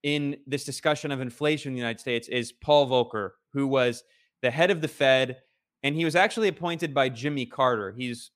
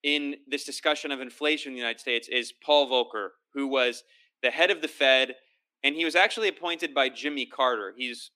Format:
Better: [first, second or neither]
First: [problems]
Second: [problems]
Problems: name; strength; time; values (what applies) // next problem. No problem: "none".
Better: first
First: none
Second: thin; very slightly; fading below 250 Hz